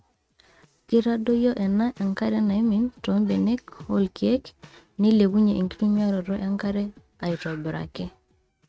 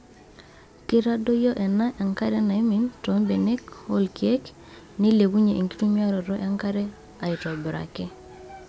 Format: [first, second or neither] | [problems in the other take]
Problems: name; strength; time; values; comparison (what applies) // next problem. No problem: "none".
second | noise reduction (neural mask model RNNoise)